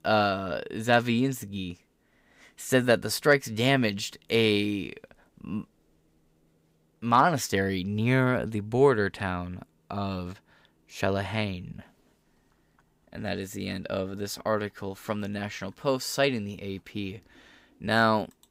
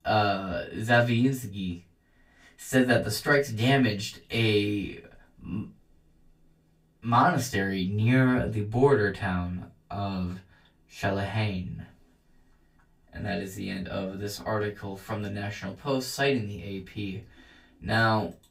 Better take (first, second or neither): first